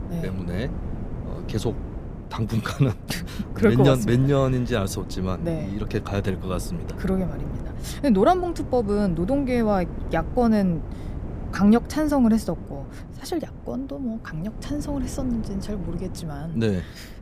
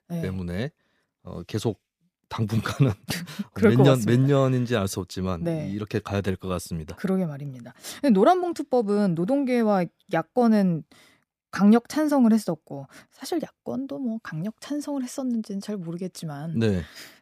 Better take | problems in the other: second | wind noise on the microphone; occasional gusts; 15 dB below the speech

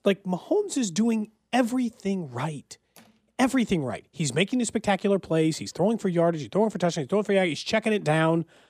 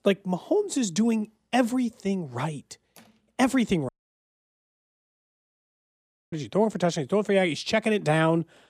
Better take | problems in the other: first | audio cutting out; at 4 s for 2.5 s

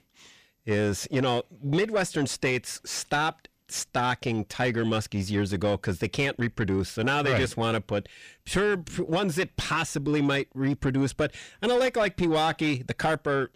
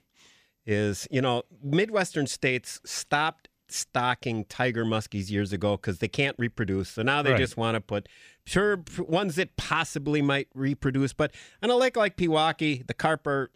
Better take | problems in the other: second | distortion; slight; 10 dB below the speech

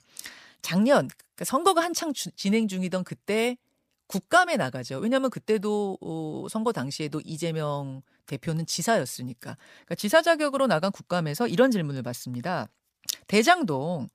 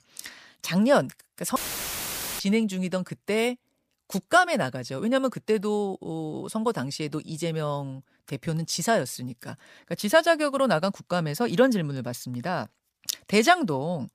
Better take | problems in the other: first | audio cutting out; filled with static; at 1.5 s for 1 s

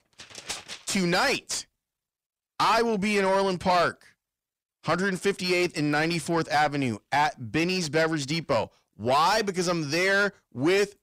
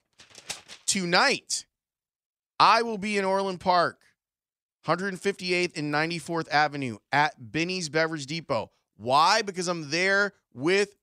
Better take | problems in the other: second | distortion; heavy; 6 dB below the speech

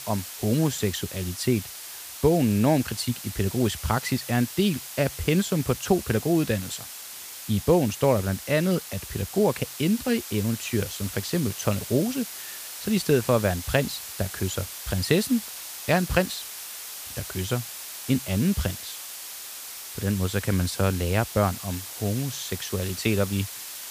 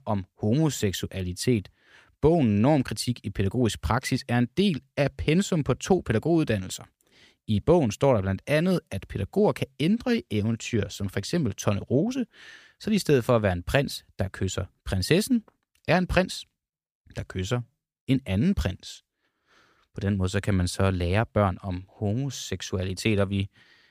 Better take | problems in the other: second | hiss; loud; throughout; 9 dB below the speech

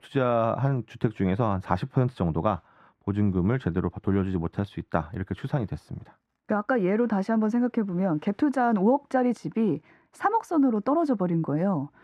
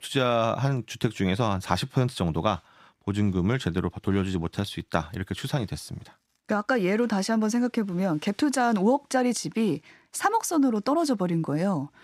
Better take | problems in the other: second | muffled; very; fading above 2.5 kHz

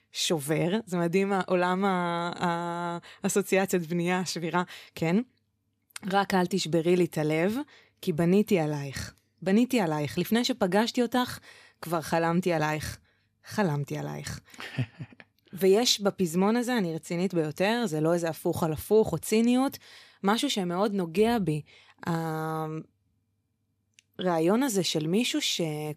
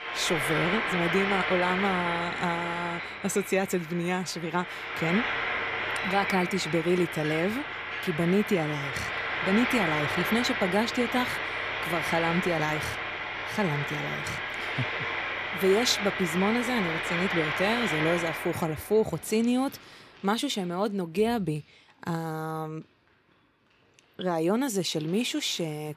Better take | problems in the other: first | household noises; loud; throughout; 1 dB below the speech

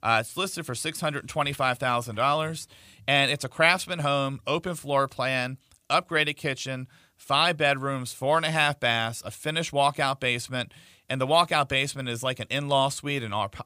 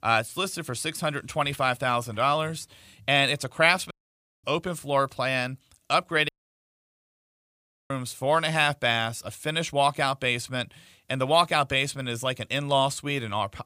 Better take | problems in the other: first | audio cutting out; at 4 s for 0.5 s and at 6.5 s for 1.5 s

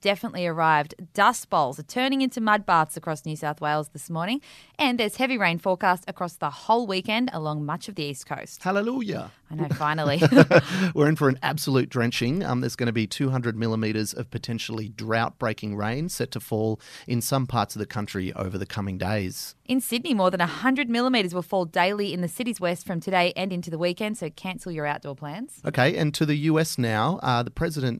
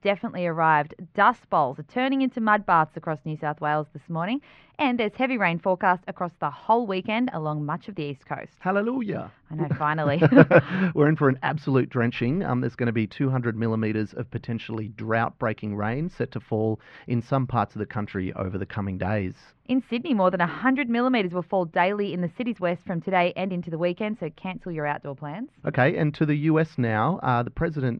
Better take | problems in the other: first | muffled; very; fading above 2.5 kHz

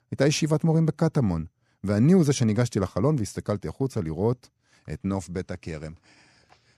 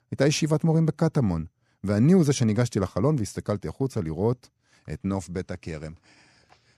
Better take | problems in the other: neither | none

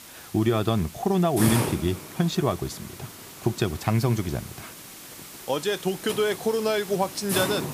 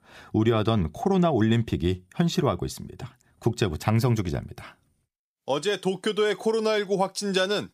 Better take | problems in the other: second | hiss; loud; throughout; 9 dB below the speech

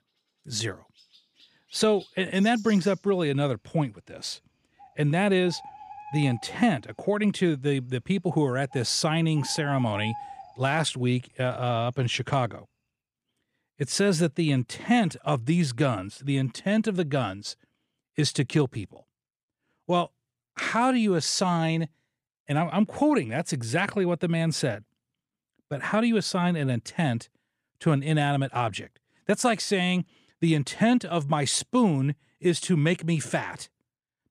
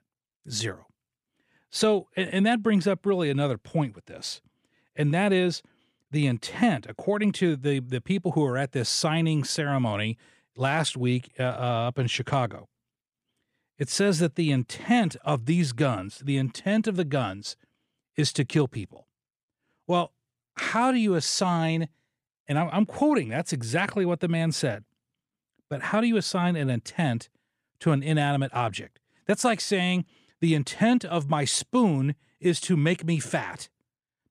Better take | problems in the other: second | animal sounds; noticeable; until 12 s; 20 dB below the speech

